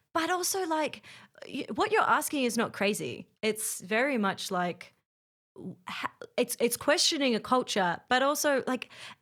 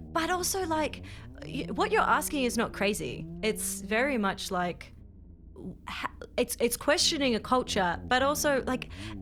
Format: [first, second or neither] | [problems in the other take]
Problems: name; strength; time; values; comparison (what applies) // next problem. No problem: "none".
first | low rumble; faint; throughout; 25 dB below the speech